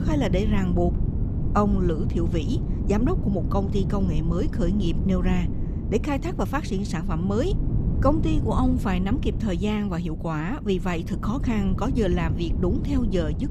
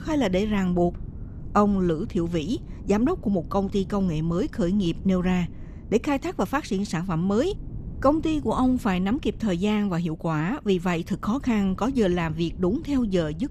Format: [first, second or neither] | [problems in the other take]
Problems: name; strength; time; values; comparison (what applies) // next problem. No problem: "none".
second | wind noise on the microphone; heavy; 9 dB below the speech; occasional gusts in the second